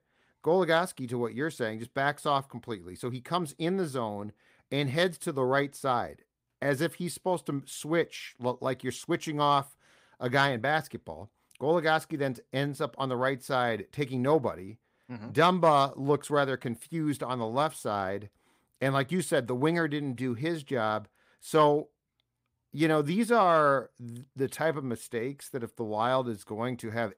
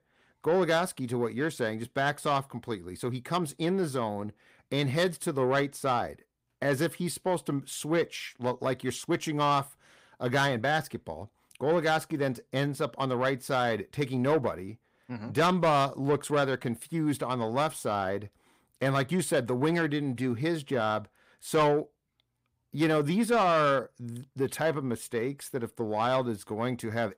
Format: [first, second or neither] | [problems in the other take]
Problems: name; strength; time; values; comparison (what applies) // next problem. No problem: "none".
first | distortion; slight; 10 dB below the speech